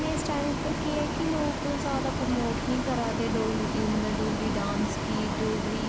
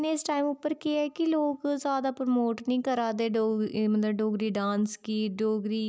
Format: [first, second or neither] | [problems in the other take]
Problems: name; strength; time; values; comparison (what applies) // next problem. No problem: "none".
second | background sound (Bus); 1 dB above the speech